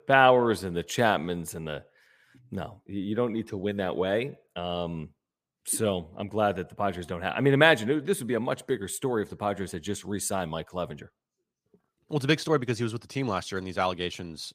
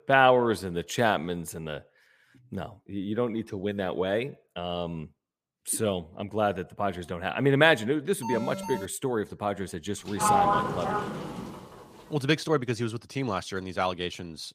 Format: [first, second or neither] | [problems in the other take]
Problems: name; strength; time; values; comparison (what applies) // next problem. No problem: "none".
first | alarm; noticeable; at 8 s; peak 6 dB below the speech // door banging; loud; from 10 to 12 s; peak 6 dB above the speech